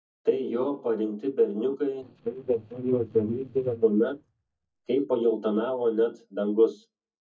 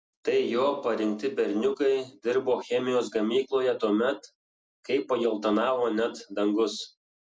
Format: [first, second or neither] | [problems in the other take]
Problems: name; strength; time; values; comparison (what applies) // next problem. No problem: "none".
second | noise reduction (neural mask model DeepFilterNet 3)